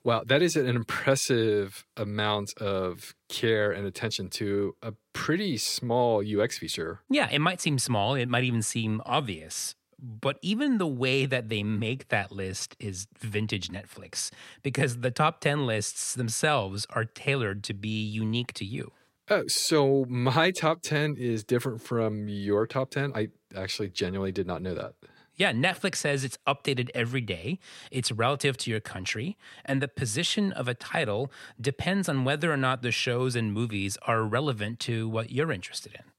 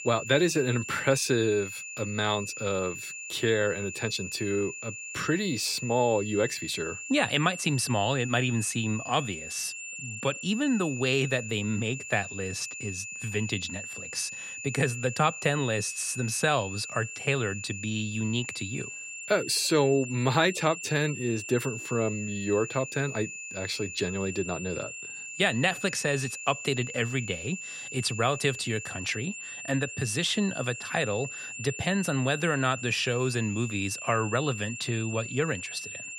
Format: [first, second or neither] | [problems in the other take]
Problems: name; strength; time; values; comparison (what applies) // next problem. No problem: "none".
first | high-pitched whine; loud; throughout; 2.5 kHz, 8 dB below the speech